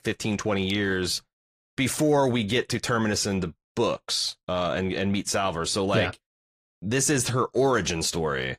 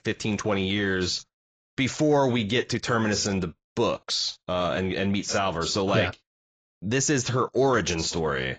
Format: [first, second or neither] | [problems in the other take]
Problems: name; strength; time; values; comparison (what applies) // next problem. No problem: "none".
first | garbled, watery; badly; nothing above 7.5 kHz; slightly in the first